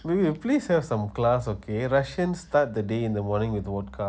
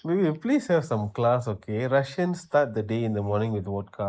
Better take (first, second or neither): first